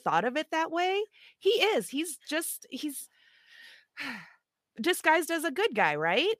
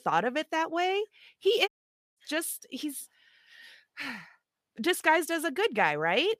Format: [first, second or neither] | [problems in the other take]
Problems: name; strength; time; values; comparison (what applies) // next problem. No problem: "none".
first | audio cutting out; at 1.5 s